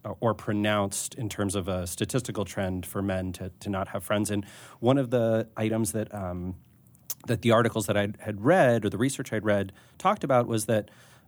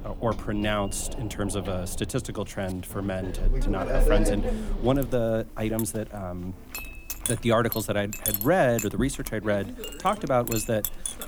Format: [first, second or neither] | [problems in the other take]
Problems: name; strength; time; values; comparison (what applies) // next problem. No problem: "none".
first | household noises; loud; throughout; 5 dB below the speech